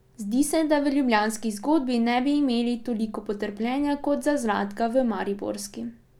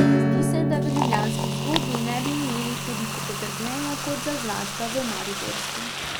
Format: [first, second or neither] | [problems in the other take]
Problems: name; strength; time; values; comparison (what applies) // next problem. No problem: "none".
first | background sound (Liquid + Acoustic guitar / Strum); 5 dB above the speech